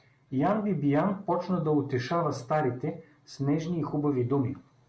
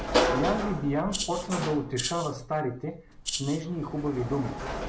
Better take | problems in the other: first | background sound (Sliding door / Slam + Rattle (instrument)); 1 dB below the speech

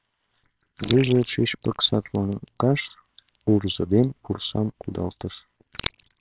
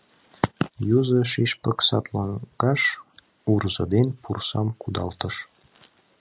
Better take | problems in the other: second | noise reduction (neural separator model SepFormer WHAMR!)

